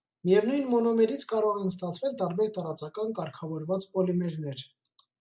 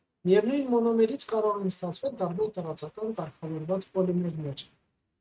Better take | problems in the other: first | noise reduction (neural mask model RNNoise)

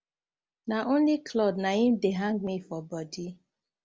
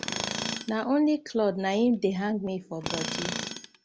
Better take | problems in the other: first | background sound (Tools); 8 dB below the speech

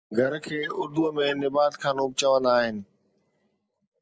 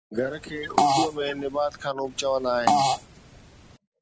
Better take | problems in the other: first | background sound (Fart); 2 dB above the speech

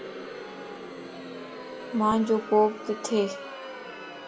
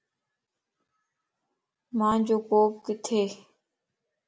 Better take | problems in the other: second | background sound (Crowd); 10 dB below the speech

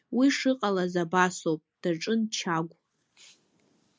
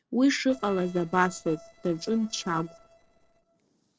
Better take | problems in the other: first | noise reduction (neural separator model SepFormer DNS4)

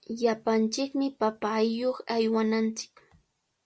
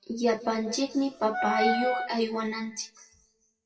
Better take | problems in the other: first | noise reduction (classical method WPE with log-MMSE)

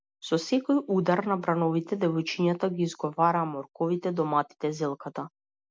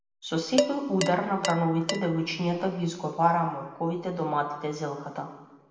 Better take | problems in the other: first | background sound (Dishes, pots, and pans); 7 dB below the speech // room echo; dies away in 1.2 s

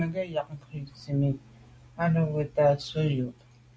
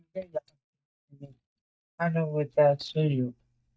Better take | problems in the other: first | noise reduction (neural mask model DeepFilterNet 3)

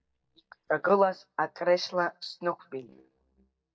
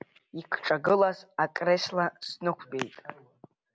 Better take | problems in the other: second | noise reduction (neural mask model DeepFilterNet 3)

